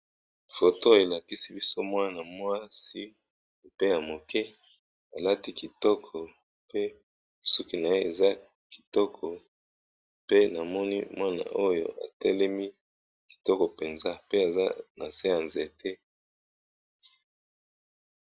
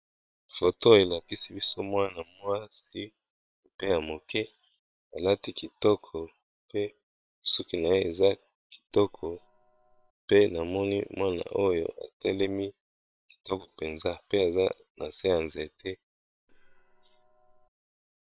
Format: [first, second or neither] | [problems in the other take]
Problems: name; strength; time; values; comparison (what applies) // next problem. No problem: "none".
first | noise reduction (neural separator model SepFormer WHAM!)